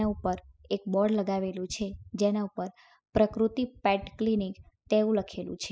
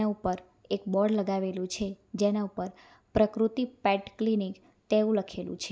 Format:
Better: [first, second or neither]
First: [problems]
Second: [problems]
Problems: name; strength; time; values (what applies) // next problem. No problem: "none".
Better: second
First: noise reduction (classical method spectral subtraction)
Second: none